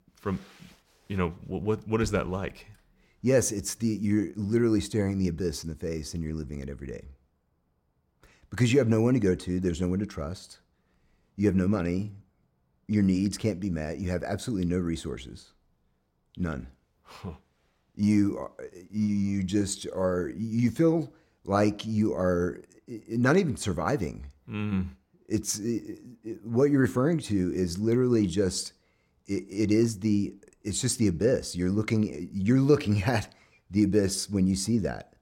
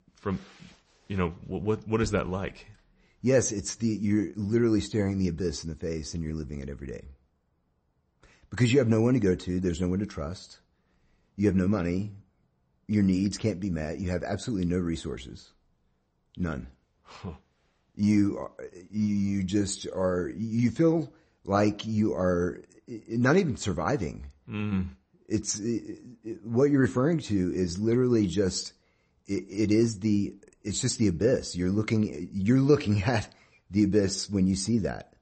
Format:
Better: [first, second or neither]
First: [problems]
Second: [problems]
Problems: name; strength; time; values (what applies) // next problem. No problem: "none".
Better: first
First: none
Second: garbled, watery; slightly; nothing above 8 kHz